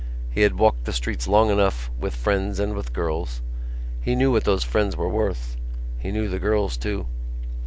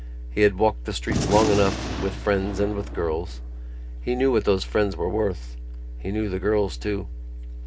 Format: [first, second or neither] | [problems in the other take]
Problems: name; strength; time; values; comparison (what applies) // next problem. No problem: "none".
first | background sound (Gunshot, gunfire); 6 dB below the speech // room echo; dies away in 0.3 s